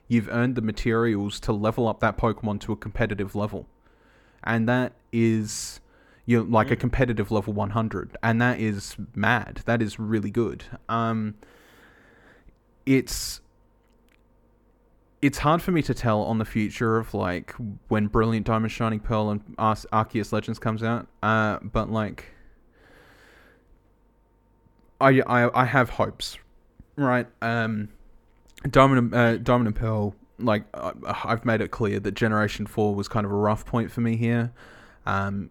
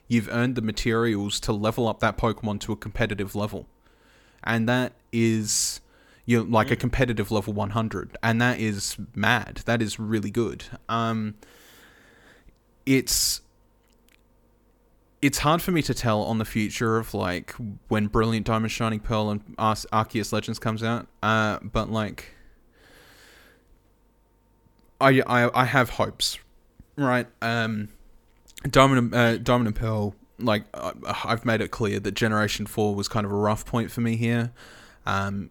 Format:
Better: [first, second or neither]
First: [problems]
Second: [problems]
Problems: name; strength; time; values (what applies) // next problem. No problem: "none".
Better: second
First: muffled; slightly; fading above 2.5 kHz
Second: none